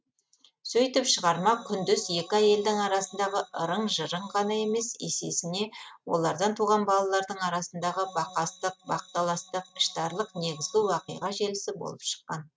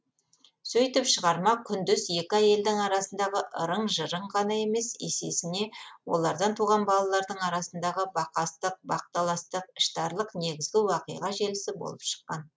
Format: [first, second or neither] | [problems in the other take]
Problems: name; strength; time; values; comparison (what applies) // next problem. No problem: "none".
second | noise reduction (neural mask model RNNoise)